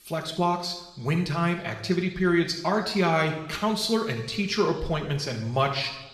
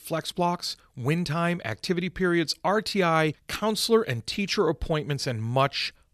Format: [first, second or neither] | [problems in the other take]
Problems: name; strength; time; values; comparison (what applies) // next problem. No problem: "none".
second | room echo; slight; dies away in 1 s // off-mic speech; somewhat distant